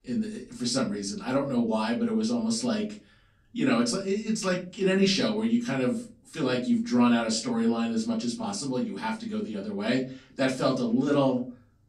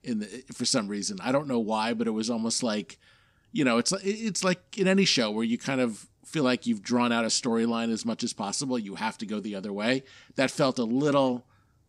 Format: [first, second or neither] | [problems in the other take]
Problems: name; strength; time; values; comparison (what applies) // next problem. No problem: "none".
second | off-mic speech; far // room echo; very slight; dies away in 0.3 s